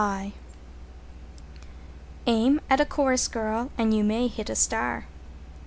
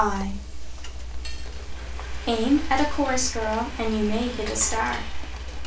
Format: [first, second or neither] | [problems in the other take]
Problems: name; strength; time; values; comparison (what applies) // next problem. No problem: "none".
first | background sound (Frying (food)); 13 dB below the speech // room echo; dies away in 0.2 s